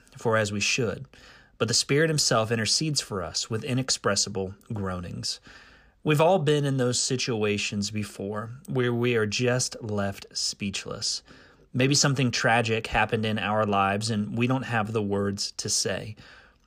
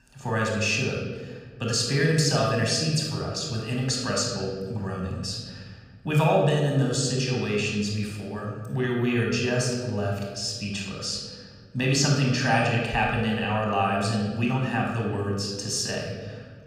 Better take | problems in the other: first | off-mic speech; somewhat distant // room echo; noticeable; dies away in 1.4 s

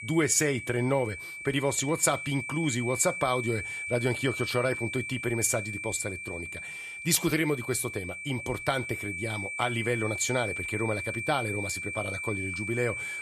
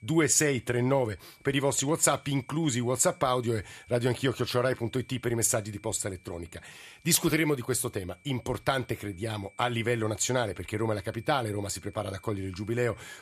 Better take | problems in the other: second | high-pitched whine; loud; throughout; 2.5 kHz, 5 dB below the speech; faint in the second

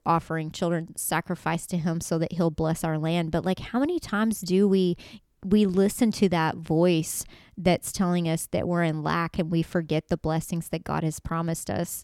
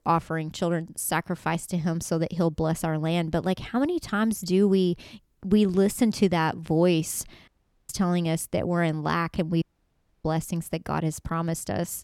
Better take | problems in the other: first | audio cutting out; at 7.5 s and at 9.5 s for 0.5 s

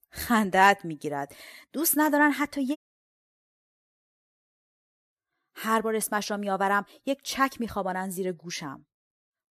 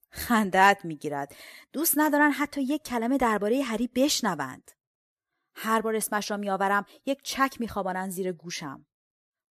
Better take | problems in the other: second | audio cutting out; at 3 s for 2.5 s

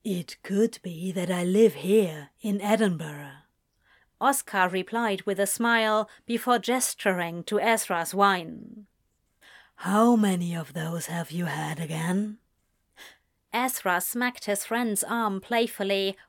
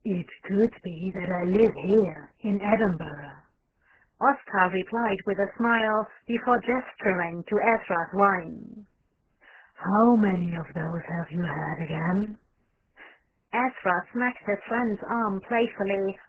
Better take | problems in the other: first | garbled, watery; badly

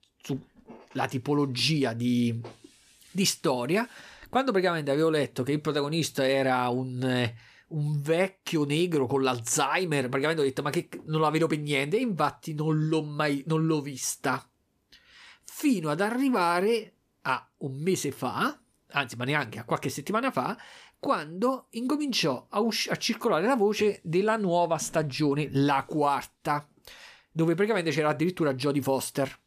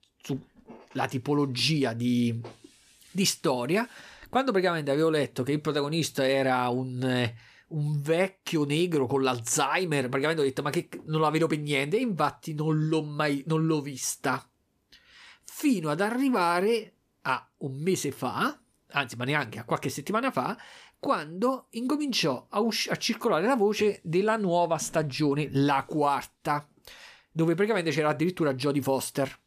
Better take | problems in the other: neither | none

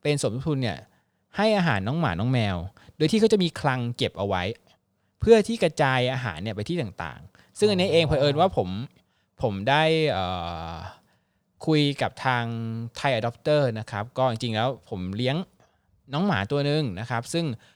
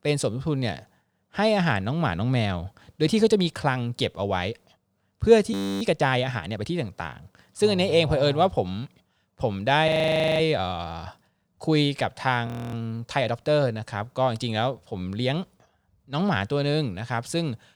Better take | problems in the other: first | audio freezing; at 5.5 s, at 10 s for 0.5 s and at 12 s

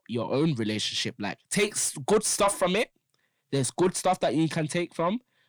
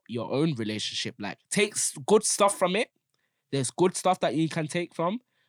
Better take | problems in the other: second | distortion; slight; 10 dB below the speech

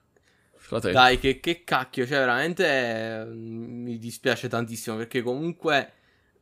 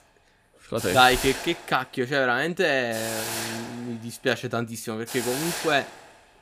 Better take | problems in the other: first | hiss; loud; throughout; 7 dB below the speech

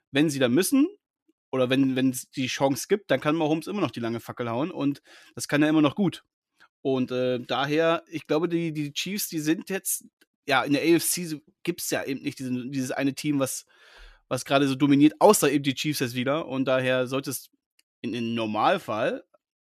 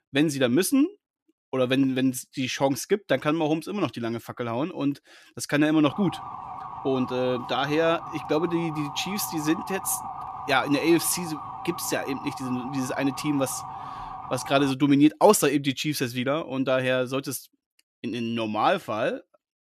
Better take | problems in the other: first | siren; noticeable; from 6 to 15 s; peak 10 dB below the speech

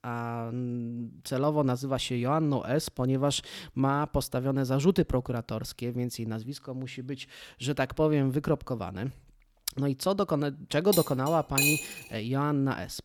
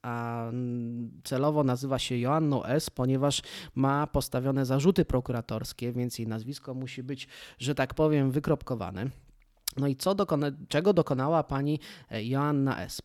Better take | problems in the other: second | clattering dishes; loud; from 11 to 12 s; peak 5 dB above the speech

